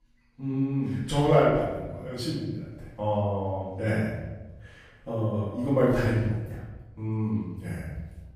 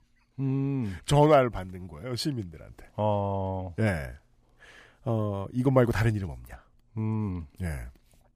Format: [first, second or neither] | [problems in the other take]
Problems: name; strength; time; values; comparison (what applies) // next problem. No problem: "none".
second | room echo; noticeable; dies away in 1 s // off-mic speech; far